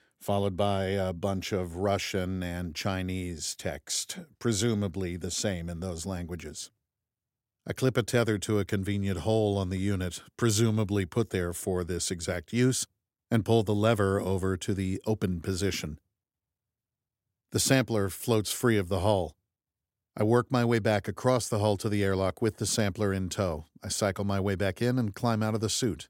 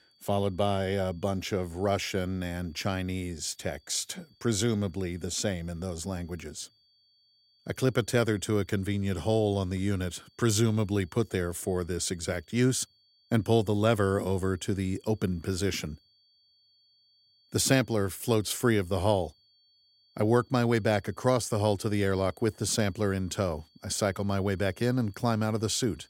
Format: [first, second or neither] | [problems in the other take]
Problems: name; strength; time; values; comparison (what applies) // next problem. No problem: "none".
first | high-pitched whine; faint; throughout; 4.5 kHz, 35 dB below the speech